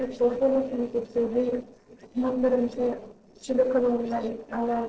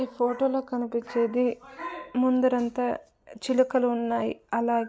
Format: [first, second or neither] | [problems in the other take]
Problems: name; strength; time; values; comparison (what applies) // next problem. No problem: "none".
second | noise reduction (neural separator model SepFormer DNS4)